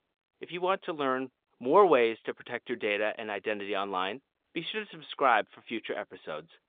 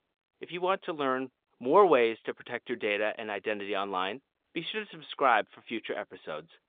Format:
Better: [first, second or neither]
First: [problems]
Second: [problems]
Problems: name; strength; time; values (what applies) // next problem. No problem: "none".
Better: neither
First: phone-call audio; nothing above 3.5 kHz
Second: phone-call audio; nothing above 3.5 kHz